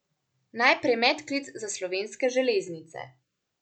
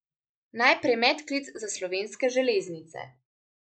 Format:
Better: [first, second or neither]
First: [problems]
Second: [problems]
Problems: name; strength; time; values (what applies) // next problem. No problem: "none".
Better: first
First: none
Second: noise reduction (neural mask model Resemble Enhance denoiser)